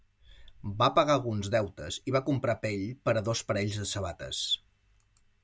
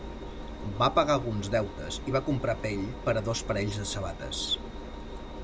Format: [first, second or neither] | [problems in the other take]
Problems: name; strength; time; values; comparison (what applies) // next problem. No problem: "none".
first | background sound (Engine); 8 dB below the speech